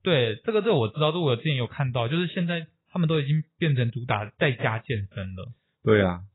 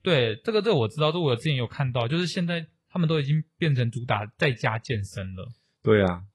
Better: second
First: garbled, watery; badly; nothing above 4 kHz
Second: garbled, watery; slightly; nothing above 11.5 kHz

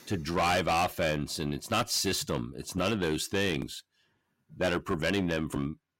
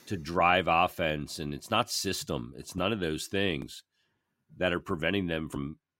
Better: second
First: distortion; heavy; 9% of the sound clipped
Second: none

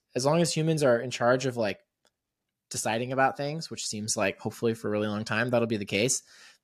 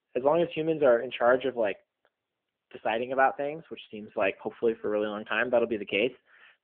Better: first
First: none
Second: phone-call audio

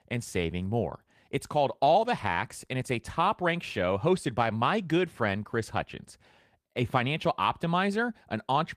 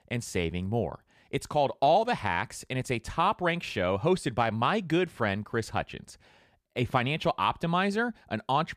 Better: second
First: garbled, watery; slightly; nothing above 14.5 kHz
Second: none

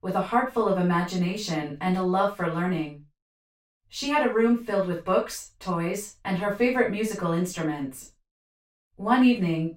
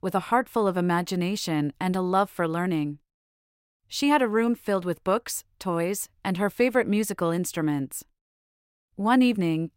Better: second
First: room echo; noticeable; dies away in 0.2 s // off-mic speech; far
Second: none

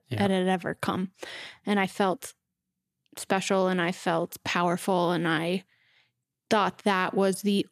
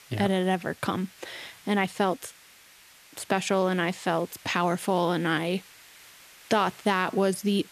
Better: first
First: none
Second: hiss; faint; throughout; 25 dB below the speech

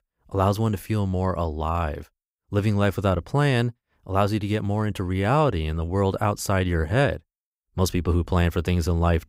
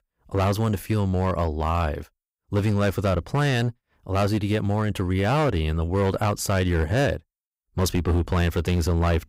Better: first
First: none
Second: distortion; slight; 13% of the sound clipped

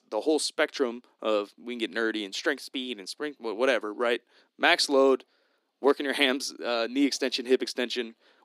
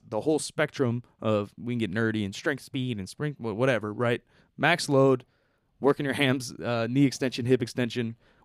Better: second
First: thin; very slightly; fading below 250 Hz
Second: none

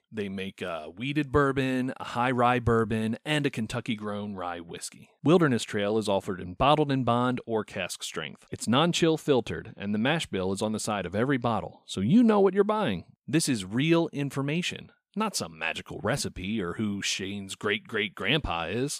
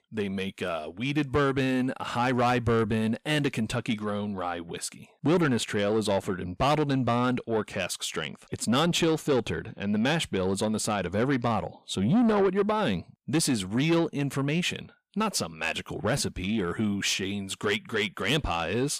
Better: first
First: none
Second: distortion; slight; 10 dB below the speech

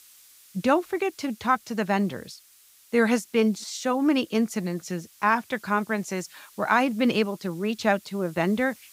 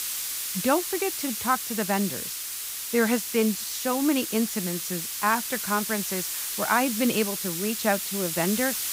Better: first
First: hiss; faint; throughout; 25 dB below the speech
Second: hiss; loud; throughout; 2 dB below the speech

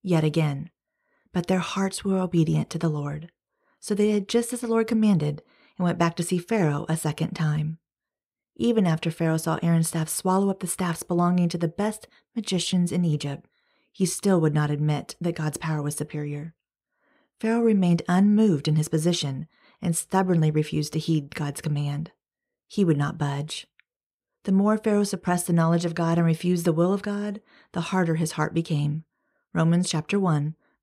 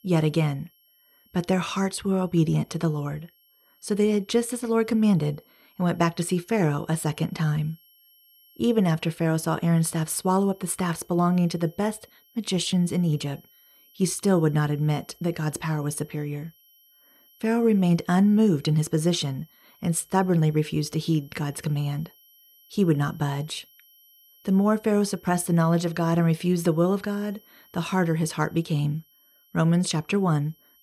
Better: first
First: none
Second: high-pitched whine; faint; throughout; 3 kHz, 30 dB below the speech

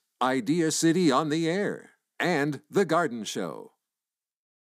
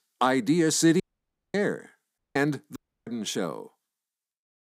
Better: first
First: none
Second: audio cutting out; at 1 s for 0.5 s, at 2 s and at 3 s

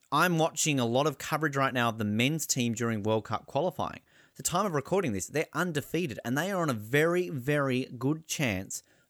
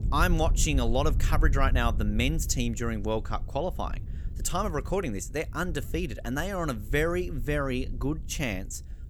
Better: first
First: none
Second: wind noise on the microphone; occasional gusts; 20 dB below the speech

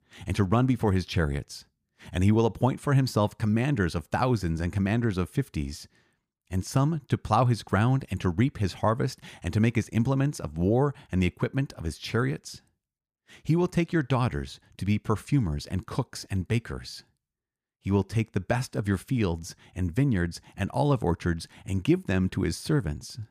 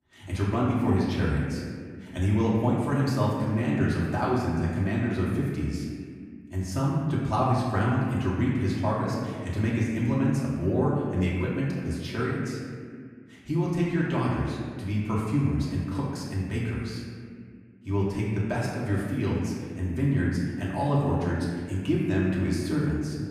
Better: first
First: none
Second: off-mic speech; far // room echo; noticeable; dies away in 1.9 s

